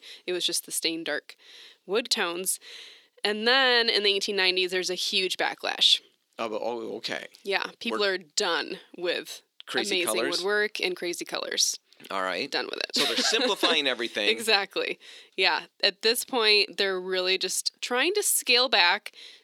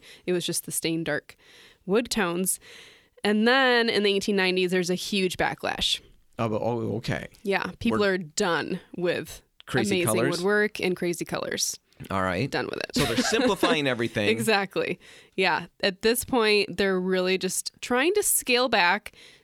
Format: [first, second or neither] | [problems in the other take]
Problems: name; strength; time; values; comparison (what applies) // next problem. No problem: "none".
second | thin; somewhat; fading below 300 Hz